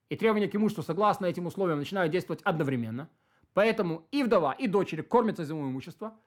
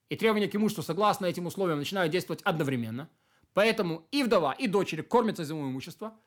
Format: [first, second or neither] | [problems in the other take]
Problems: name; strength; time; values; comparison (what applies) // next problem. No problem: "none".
second | muffled; slightly; fading above 2.5 kHz